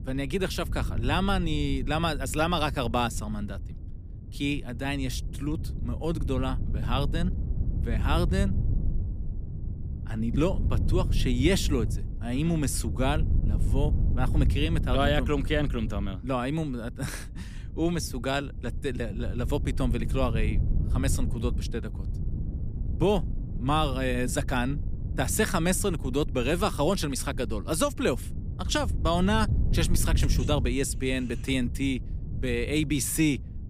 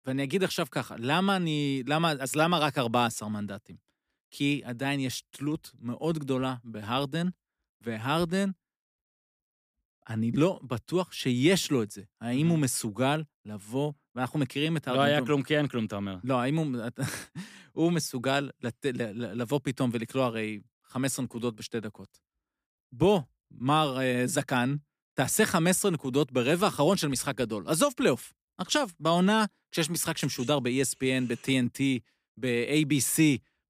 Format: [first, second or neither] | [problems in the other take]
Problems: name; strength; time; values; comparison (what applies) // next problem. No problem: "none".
second | wind noise on the microphone; occasional gusts; 15 dB below the speech